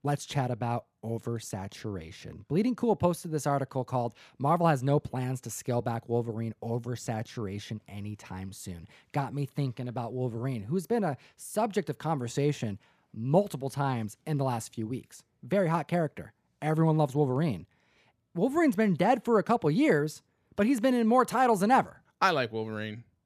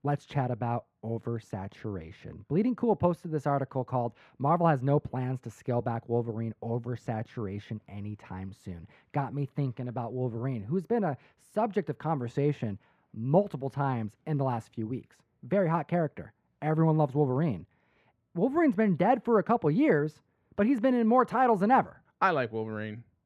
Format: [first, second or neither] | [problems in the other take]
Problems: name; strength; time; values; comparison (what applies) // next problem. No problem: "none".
first | muffled; very; fading above 3.5 kHz